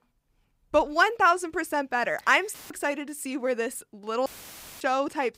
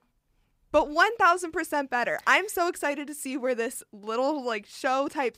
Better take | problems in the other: second | audio cutting out; filled with static; at 2.5 s and at 4.5 s for 0.5 s

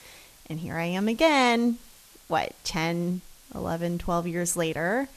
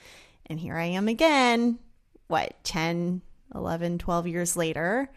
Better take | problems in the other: second | hiss; faint; throughout; 25 dB below the speech

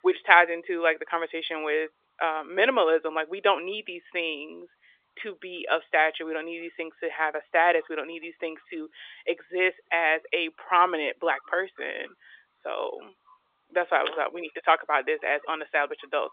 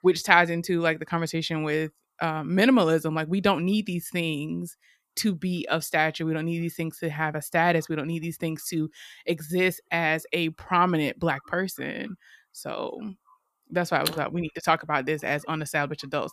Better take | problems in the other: second | phone-call audio; nothing above 3.5 kHz

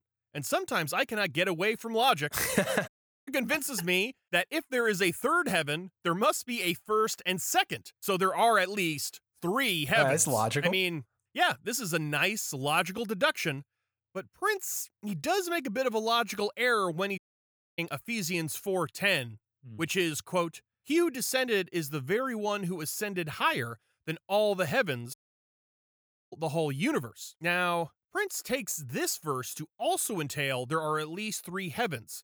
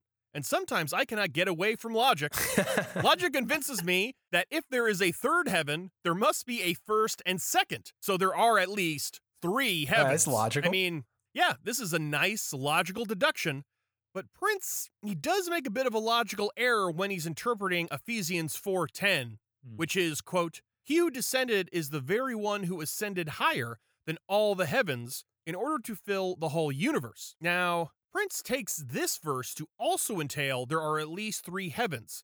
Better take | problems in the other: second | audio cutting out; at 3 s, at 17 s for 0.5 s and at 25 s for 1 s

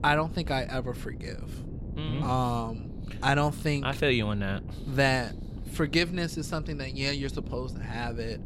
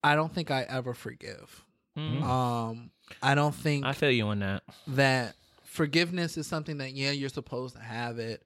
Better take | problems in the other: second | wind noise on the microphone; occasional gusts; 20 dB below the speech

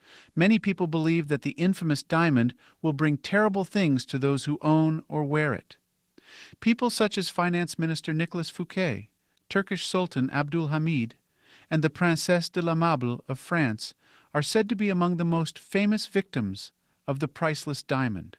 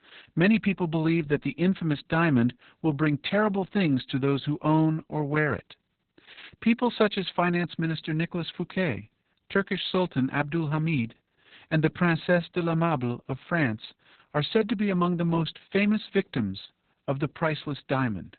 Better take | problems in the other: first | garbled, watery; badly; nothing above 4 kHz; slightly in the first

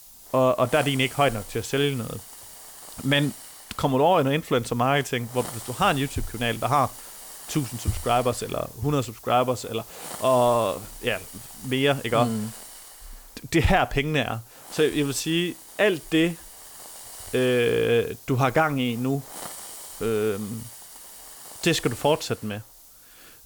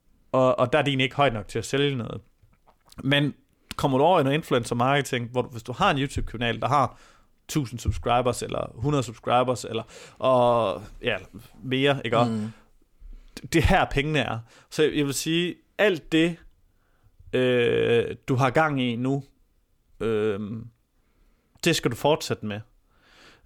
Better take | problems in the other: second | hiss; noticeable; throughout; 15 dB below the speech

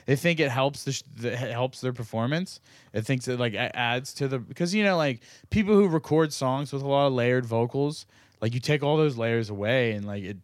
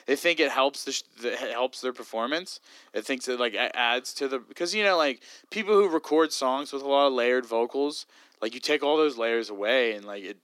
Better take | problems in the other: first | thin; somewhat; fading below 250 Hz

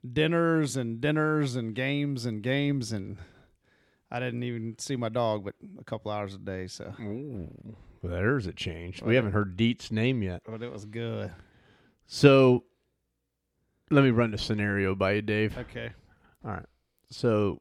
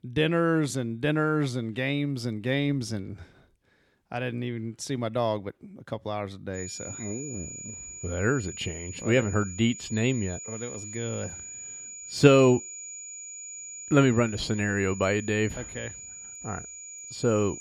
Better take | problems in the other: first | high-pitched whine; noticeable; from 6.5 s on; 7 kHz, 10 dB below the speech

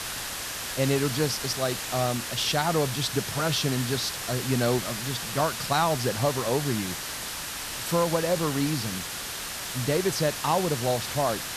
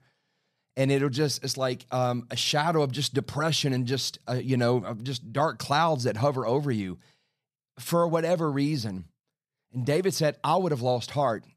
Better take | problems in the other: second | hiss; loud; throughout; 4 dB below the speech

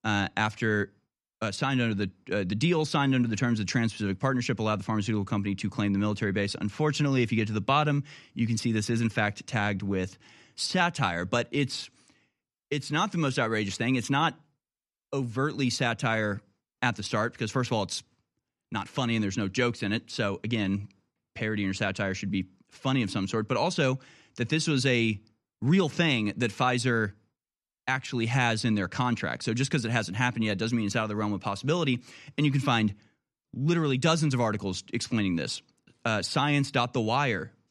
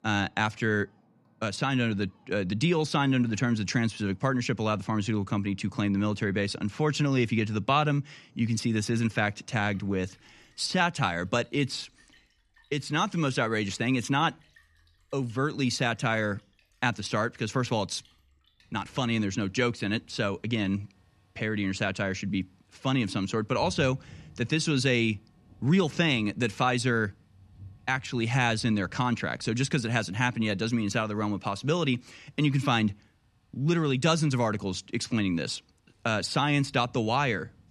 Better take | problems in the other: first | rain or running water; faint; throughout; 30 dB below the speech

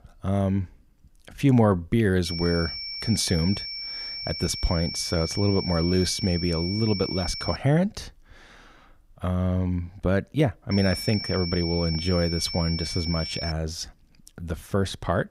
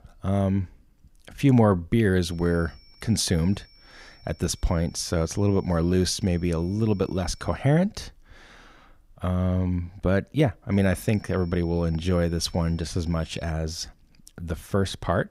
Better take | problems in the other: second | high-pitched whine; loud; from 2.5 to 7.5 s and from 11 to 14 s; 5.5 kHz, 6 dB below the speech; faint in the second

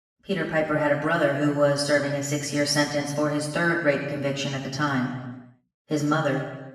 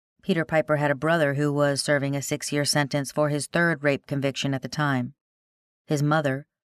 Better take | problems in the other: second | room echo; noticeable; dies away in 0.9 s // off-mic speech; far

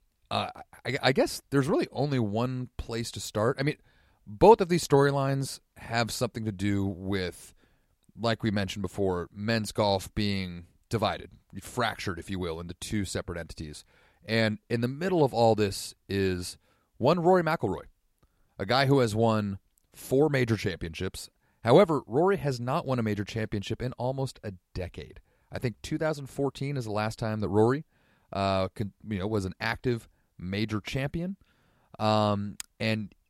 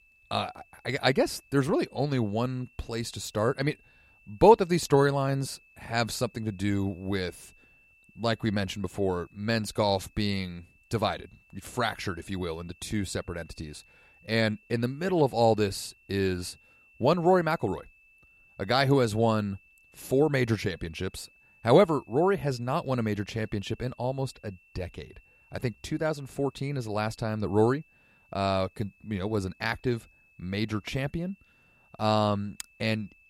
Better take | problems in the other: first | high-pitched whine; faint; throughout; 2.5 kHz, 30 dB below the speech

